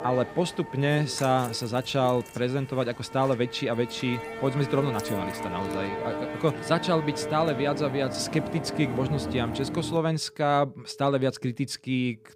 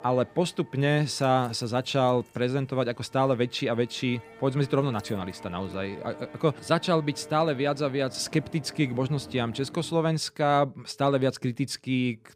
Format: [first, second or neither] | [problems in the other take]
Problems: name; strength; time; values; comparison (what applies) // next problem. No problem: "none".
second | background music; loud; throughout; 8 dB below the speech; faint in the second